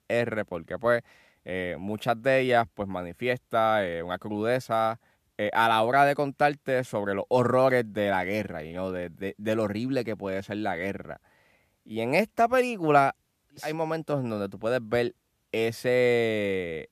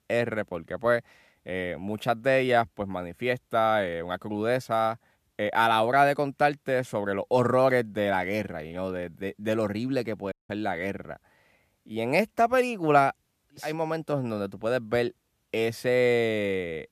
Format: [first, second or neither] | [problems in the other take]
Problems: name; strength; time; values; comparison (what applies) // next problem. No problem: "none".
first | audio cutting out; at 10 s